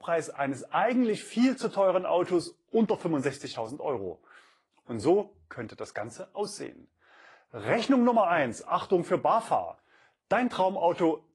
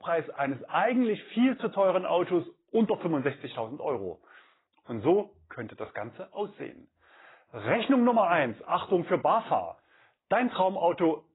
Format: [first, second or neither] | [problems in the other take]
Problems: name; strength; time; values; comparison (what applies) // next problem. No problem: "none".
first | garbled, watery; badly; nothing above 4 kHz; slightly in the first